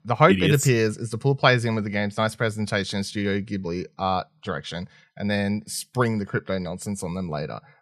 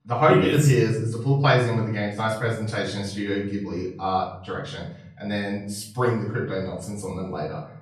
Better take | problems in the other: first | off-mic speech; far // room echo; noticeable; dies away in 0.6 s

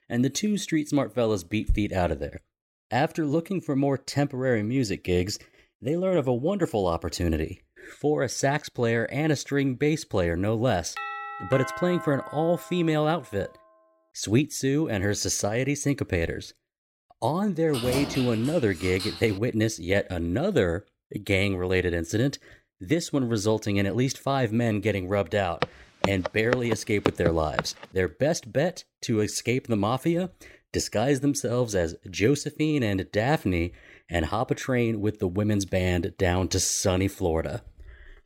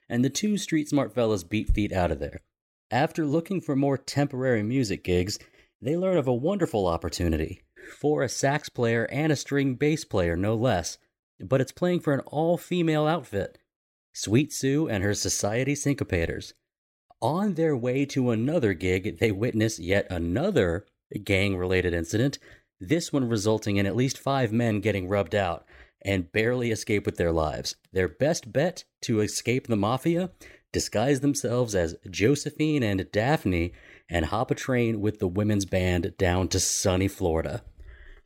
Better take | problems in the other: second | doorbell; noticeable; from 11 to 13 s; peak 7 dB below the speech // jangling keys; noticeable; from 18 to 19 s; peak 4 dB below the speech // footsteps; noticeable; from 26 to 28 s; peak 2 dB below the speech

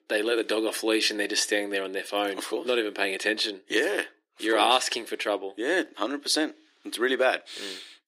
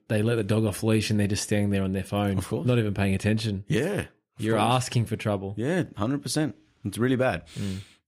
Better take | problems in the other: second | thin; very; fading below 300 Hz

